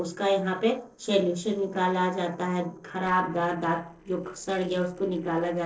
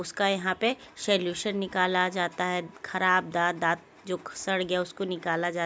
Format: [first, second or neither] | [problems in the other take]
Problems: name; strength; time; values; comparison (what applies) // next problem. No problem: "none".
second | noise reduction (neural separator model SepFormer DNS4)